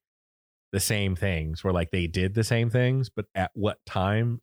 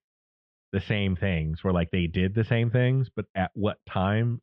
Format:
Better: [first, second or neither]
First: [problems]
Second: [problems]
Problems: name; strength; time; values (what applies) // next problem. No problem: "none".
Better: first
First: none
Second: muffled; very; fading above 3 kHz